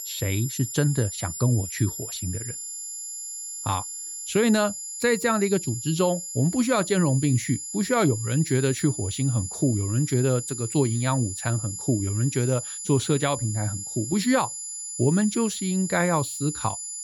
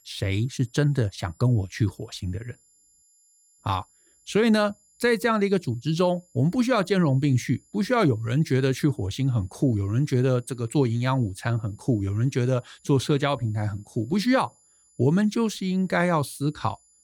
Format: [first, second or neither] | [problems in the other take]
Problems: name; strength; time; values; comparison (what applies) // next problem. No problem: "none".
second | high-pitched whine; loud; throughout; 7 kHz, 7 dB below the speech; faint in the second